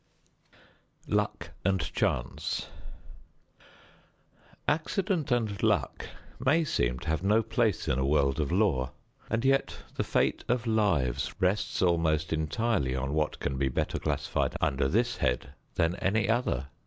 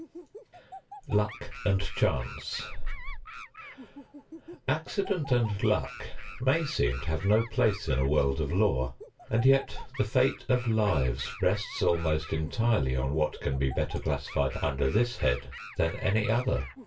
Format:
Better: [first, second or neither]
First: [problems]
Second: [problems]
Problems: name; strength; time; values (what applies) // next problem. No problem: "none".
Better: first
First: none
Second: background sound (Animal); 17 dB below the speech // room echo; dies away in 0.2 s